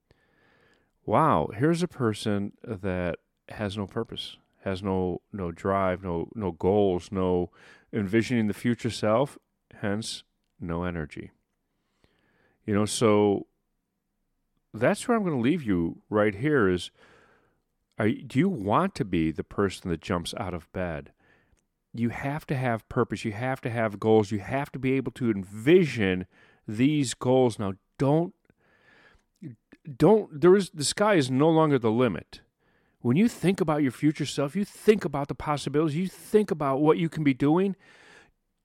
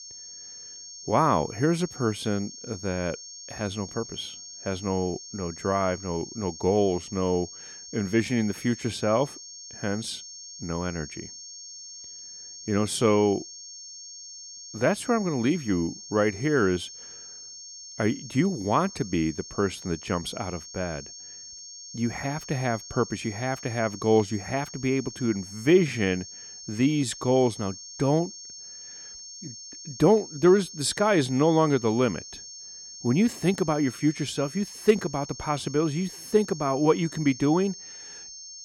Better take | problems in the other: first | high-pitched whine; noticeable; throughout; 6.5 kHz, 15 dB below the speech

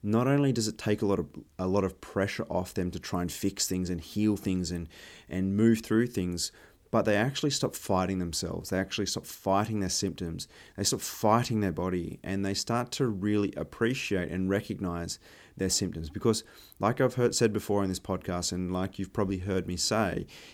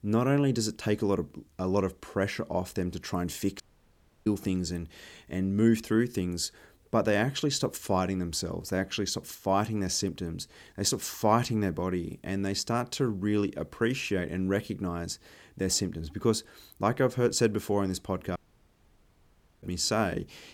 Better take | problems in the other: first | audio cutting out; at 3.5 s for 0.5 s and at 18 s for 1.5 s

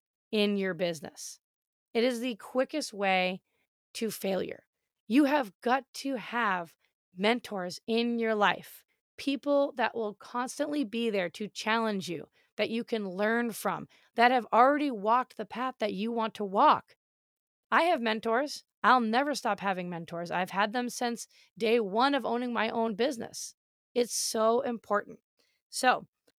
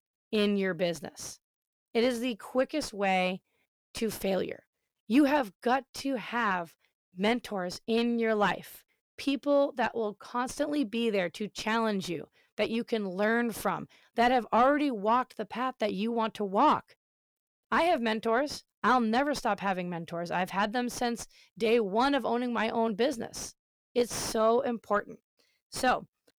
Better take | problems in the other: first | distortion; slight; 10 dB below the speech

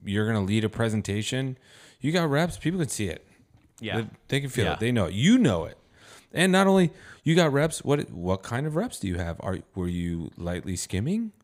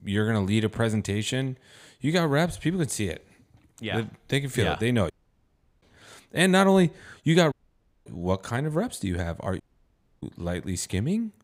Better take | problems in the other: first | audio cutting out; at 5 s for 0.5 s, at 7.5 s for 0.5 s and at 9.5 s for 0.5 s

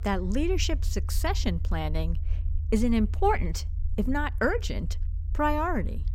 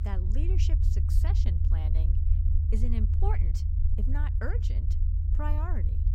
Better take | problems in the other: first | low rumble; loud; throughout; 3 dB below the speech; faint in the first

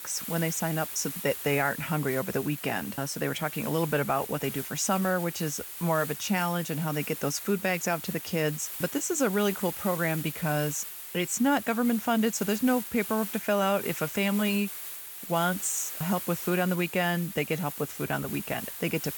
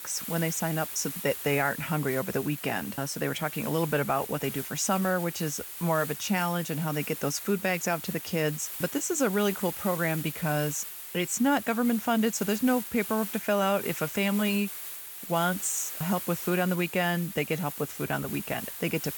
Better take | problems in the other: neither | hiss; loud; throughout; 7 dB below the speech; the same in both

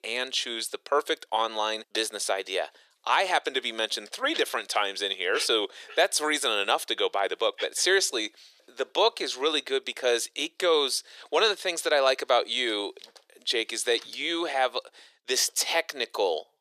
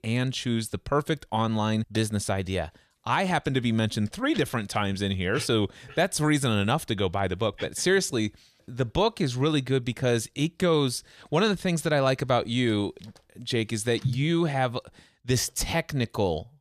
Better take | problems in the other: second | thin; very; fading below 400 Hz

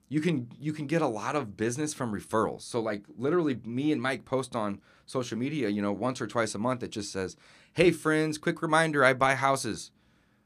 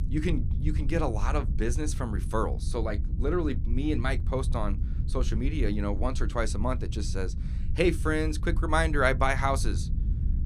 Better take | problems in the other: first | low rumble; noticeable; throughout; 15 dB below the speech

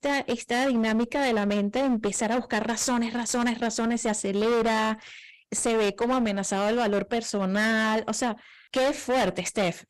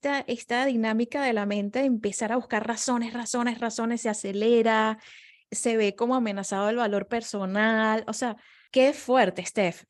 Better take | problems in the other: second | distortion; heavy; 23% of the sound clipped

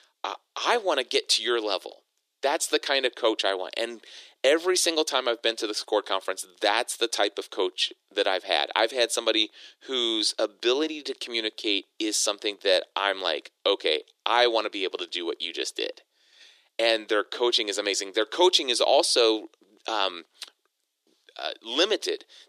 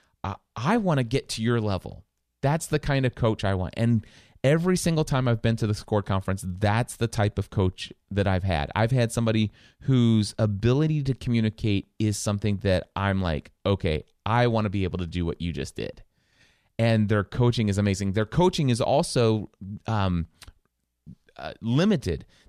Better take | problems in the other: second | thin; very; fading below 300 Hz

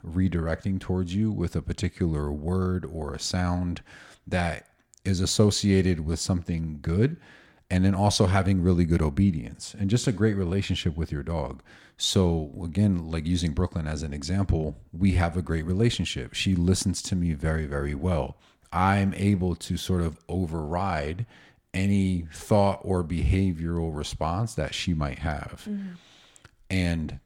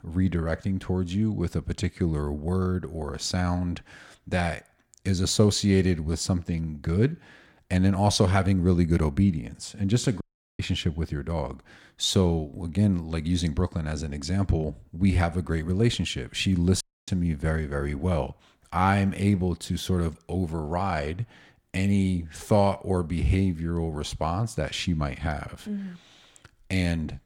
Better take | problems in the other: first | audio cutting out; at 10 s and at 17 s

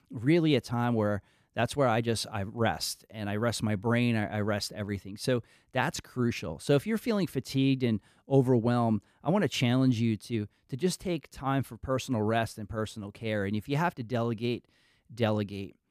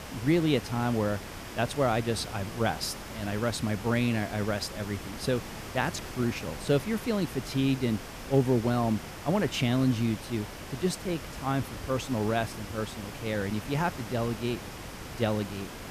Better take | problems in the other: first | hiss; noticeable; throughout; 10 dB below the speech

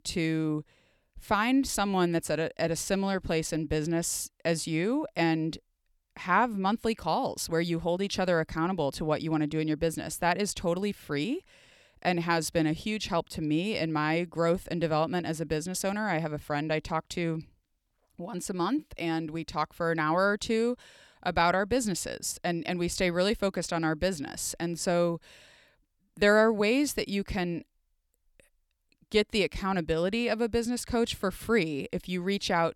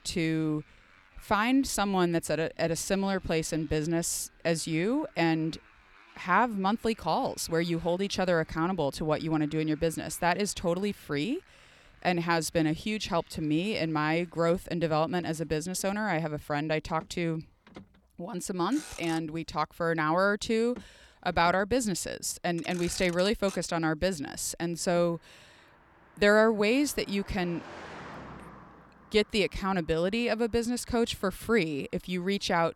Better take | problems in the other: first | traffic noise; faint; throughout; 25 dB below the speech

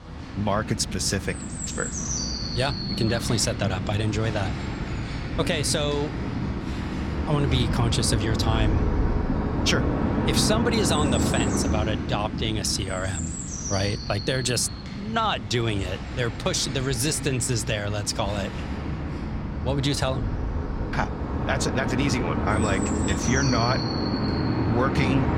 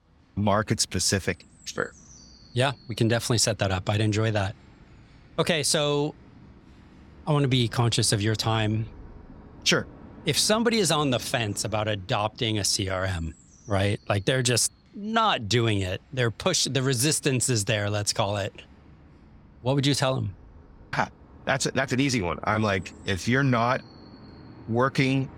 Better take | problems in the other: second | animal sounds; loud; throughout; 2 dB below the speech; faint in the second

